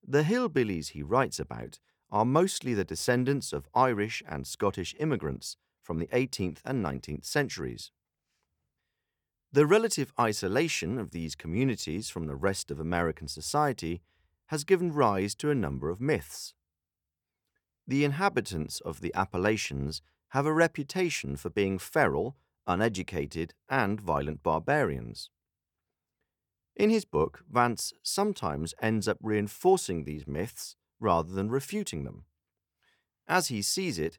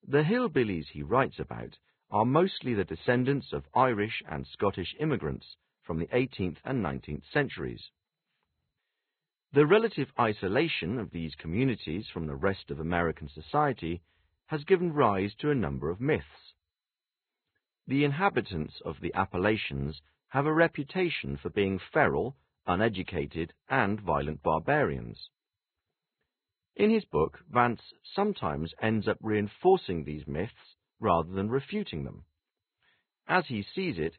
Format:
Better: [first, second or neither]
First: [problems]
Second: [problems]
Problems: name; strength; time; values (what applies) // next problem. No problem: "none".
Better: first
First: none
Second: garbled, watery; badly; nothing above 4 kHz